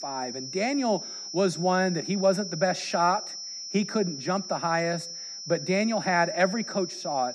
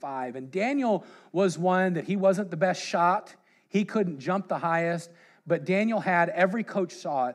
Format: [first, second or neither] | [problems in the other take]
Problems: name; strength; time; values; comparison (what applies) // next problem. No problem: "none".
second | high-pitched whine; loud; throughout; 5.5 kHz, 8 dB below the speech